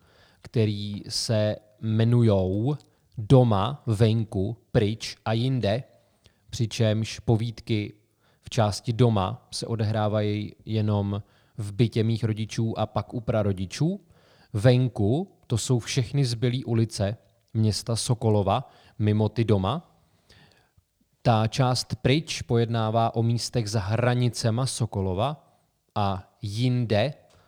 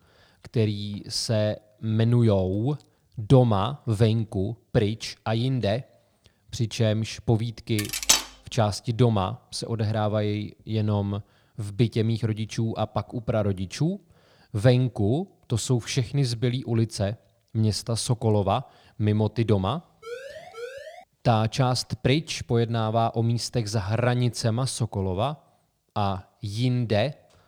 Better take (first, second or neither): first